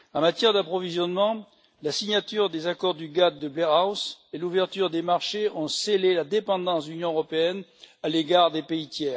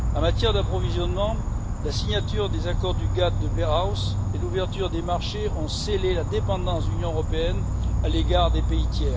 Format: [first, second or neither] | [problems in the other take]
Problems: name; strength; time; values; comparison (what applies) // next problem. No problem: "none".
first | background sound (Insect); 4 dB above the speech